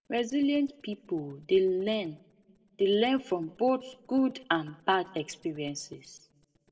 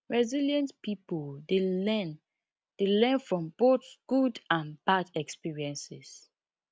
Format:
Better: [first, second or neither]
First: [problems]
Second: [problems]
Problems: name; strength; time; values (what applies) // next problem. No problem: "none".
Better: second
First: noise reduction (neural separator model SepFormer DNS4)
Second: none